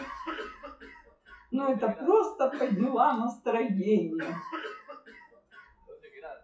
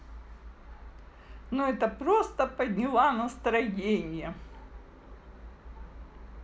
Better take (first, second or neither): second